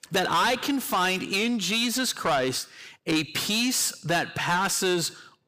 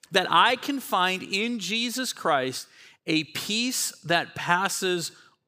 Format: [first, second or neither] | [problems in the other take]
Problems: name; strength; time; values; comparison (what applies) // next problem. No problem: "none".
second | distortion; heavy; 6 dB below the speech